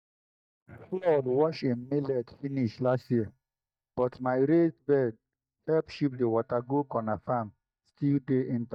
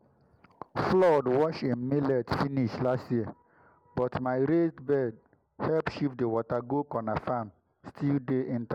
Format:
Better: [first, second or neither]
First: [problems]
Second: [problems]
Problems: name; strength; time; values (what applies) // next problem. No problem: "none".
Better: second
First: noise reduction (neural mask model DeepFilterNet 3)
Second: none